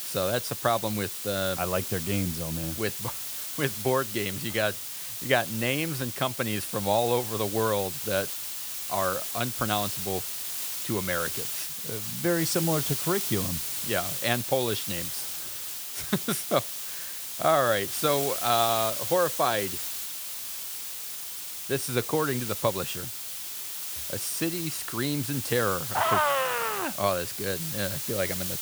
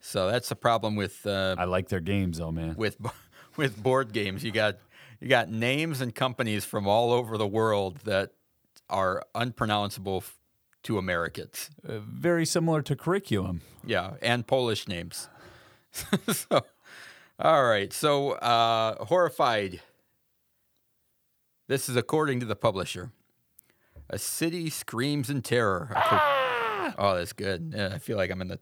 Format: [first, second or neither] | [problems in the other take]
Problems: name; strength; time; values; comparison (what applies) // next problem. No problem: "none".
second | hiss; loud; throughout; 3 dB below the speech